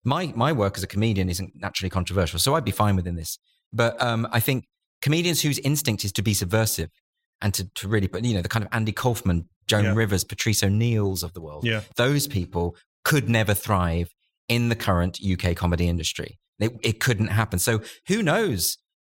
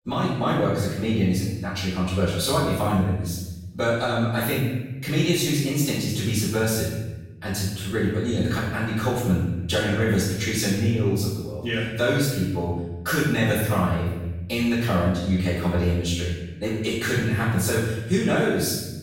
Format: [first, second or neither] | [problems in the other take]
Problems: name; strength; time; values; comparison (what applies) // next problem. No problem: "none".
first | room echo; strong; dies away in 1 s // off-mic speech; far